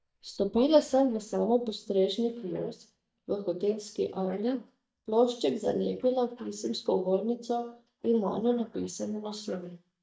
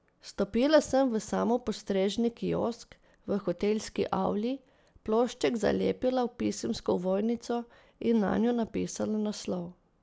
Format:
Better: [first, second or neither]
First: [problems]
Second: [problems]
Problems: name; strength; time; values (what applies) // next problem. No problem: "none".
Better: second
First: noise reduction (neural mask model DeepFilterNet 3)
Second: none